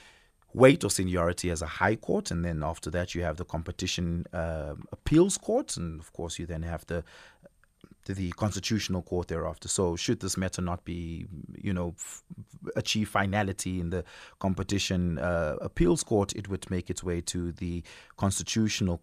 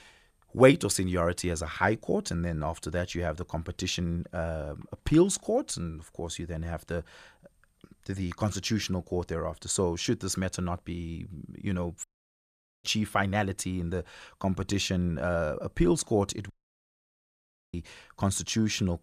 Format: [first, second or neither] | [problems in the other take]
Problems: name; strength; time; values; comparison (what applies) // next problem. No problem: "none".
first | audio cutting out; at 12 s for 1 s and at 17 s for 1 s